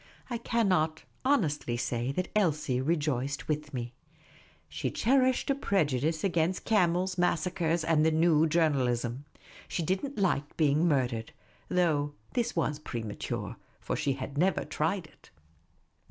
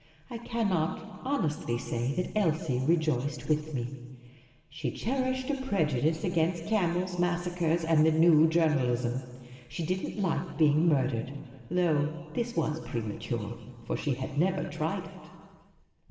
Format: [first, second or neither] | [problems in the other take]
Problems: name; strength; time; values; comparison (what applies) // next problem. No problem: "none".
first | room echo; dies away in 1.8 s